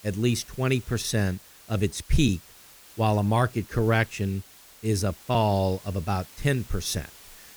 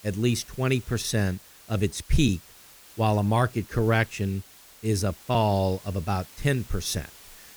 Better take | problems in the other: neither | hiss; faint; throughout; 20 dB below the speech; the same in both

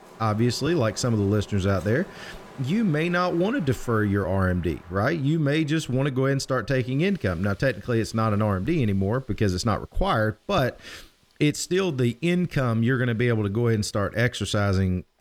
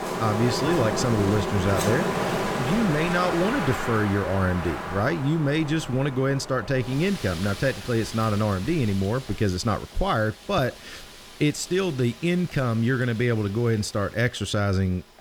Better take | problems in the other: first | wind in the background; loud; throughout; 5 dB below the speech; faint in the first

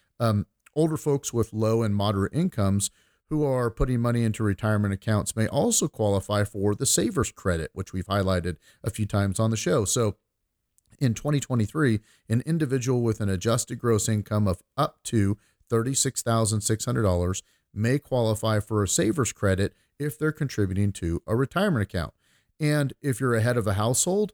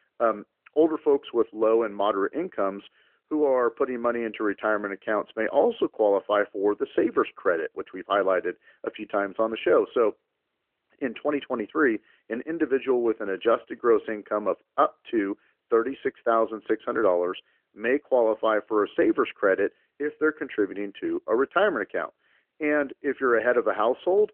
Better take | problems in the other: first | phone-call audio; nothing above 3 kHz

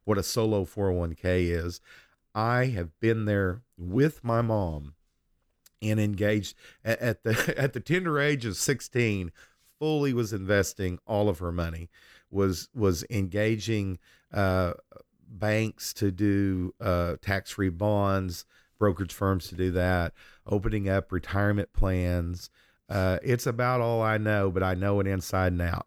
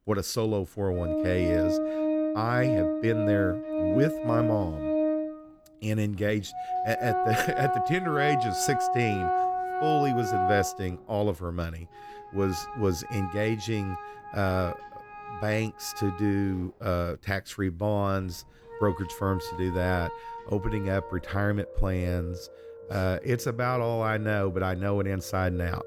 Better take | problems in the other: first | background music; loud; throughout; 1 dB below the speech

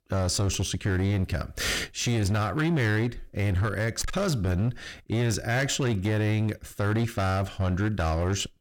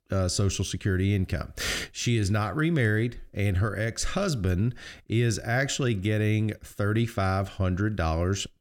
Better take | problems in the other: second | distortion; slight; 19% of the sound clipped

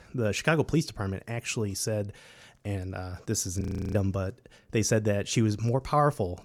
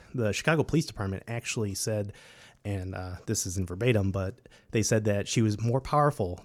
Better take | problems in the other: second | audio freezing; at 3.5 s

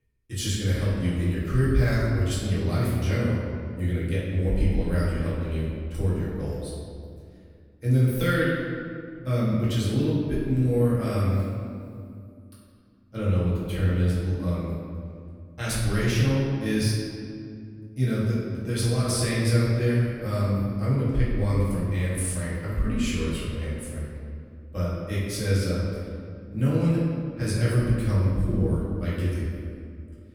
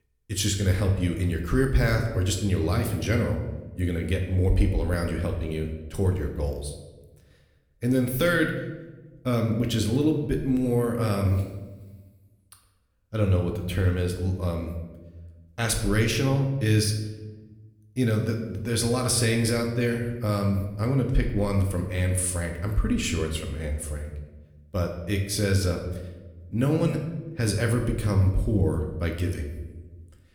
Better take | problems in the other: second | room echo; strong; dies away in 2 s; slight in the second // off-mic speech; far

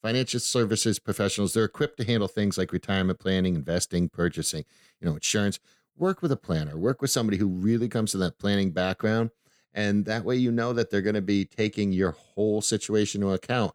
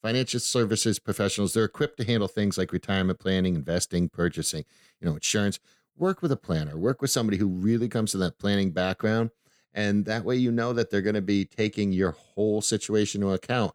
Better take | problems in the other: neither | none

